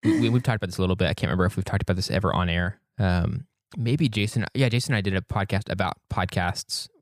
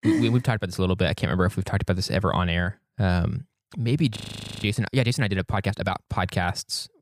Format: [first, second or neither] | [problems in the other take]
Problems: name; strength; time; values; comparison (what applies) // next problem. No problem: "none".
first | audio freezing; at 4 s